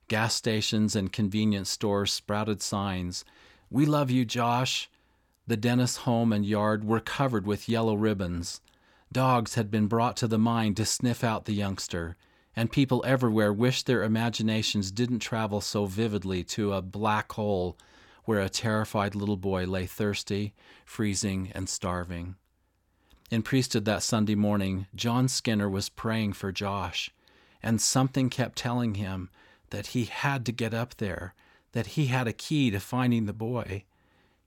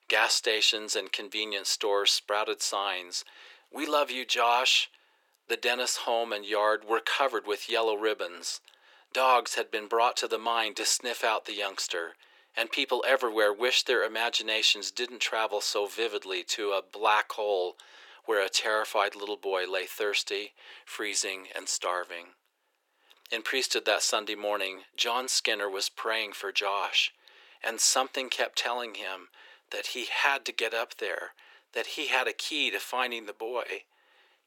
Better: first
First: none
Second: thin; very; fading below 400 Hz

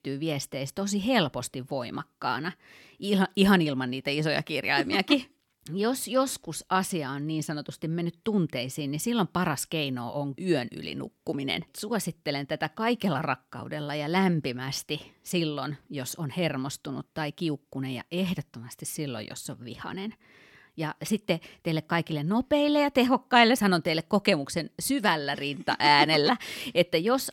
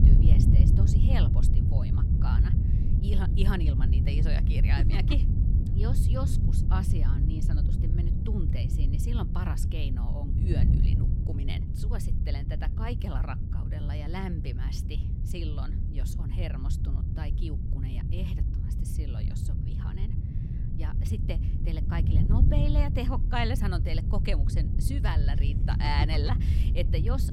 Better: first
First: none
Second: wind noise on the microphone; heavy; 3 dB below the speech

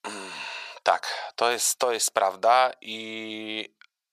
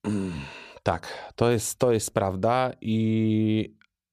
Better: second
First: thin; very; fading below 900 Hz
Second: none

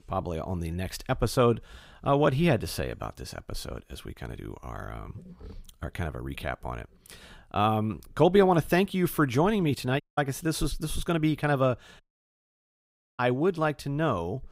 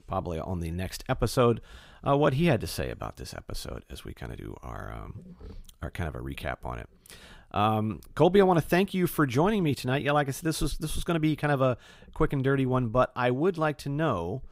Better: second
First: audio cutting out; at 10 s and at 12 s for 1 s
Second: none

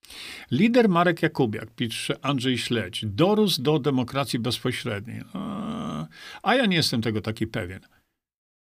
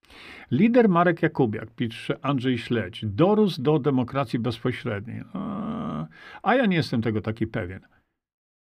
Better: first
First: none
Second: muffled; slightly; fading above 3 kHz

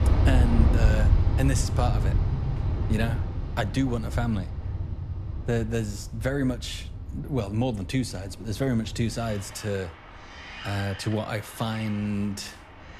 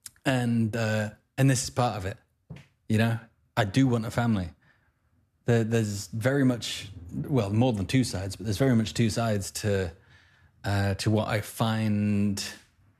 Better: second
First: wind in the background; very loud; throughout; 2 dB above the speech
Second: none

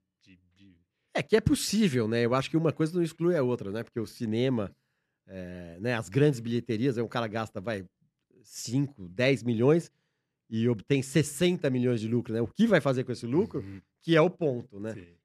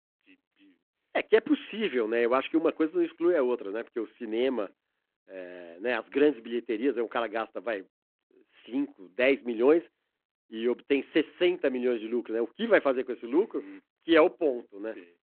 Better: first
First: none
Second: phone-call audio

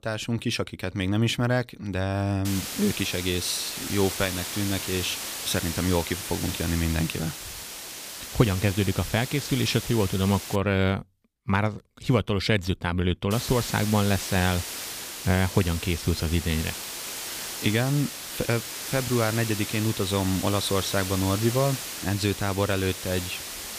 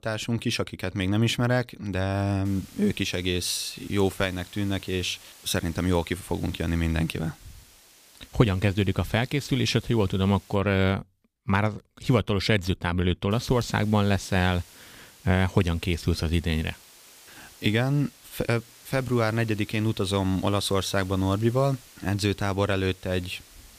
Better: second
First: hiss; loud; from 2.5 to 11 s and from 13 s on; 6 dB below the speech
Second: hiss; faint; from 2.5 to 11 s and from 13 s on; 25 dB below the speech

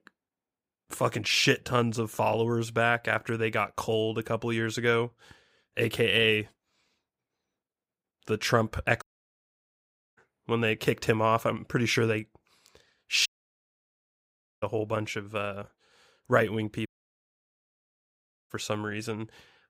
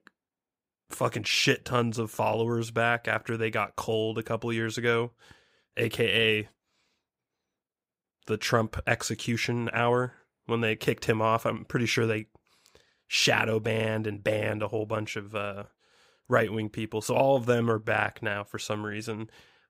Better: second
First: audio cutting out; at 9 s for 1 s, at 13 s for 1.5 s and at 17 s for 1.5 s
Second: none

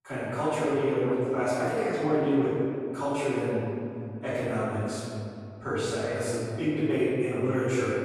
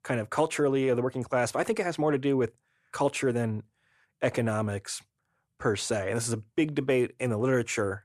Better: second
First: off-mic speech; far // room echo; strong; dies away in 2.4 s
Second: none

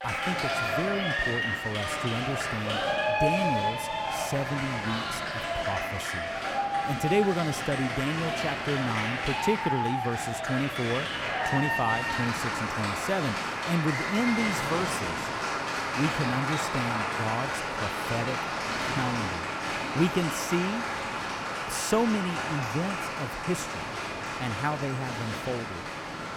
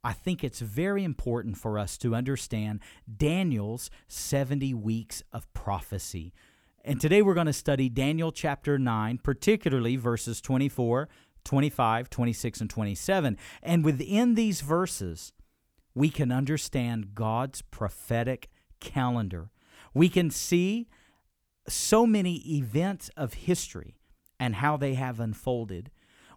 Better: second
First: crowd noise; very loud; throughout; 2 dB above the speech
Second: none

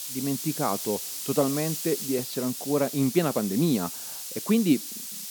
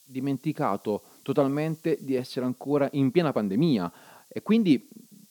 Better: second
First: hiss; loud; throughout; 6 dB below the speech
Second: hiss; faint; throughout; 30 dB below the speech

